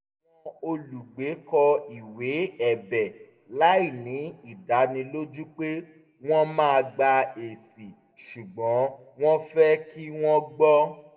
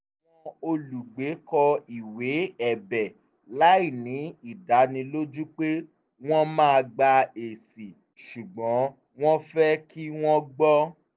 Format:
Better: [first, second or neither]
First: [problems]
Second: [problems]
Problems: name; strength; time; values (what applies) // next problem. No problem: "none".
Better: second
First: room echo; dies away in 0.9 s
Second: none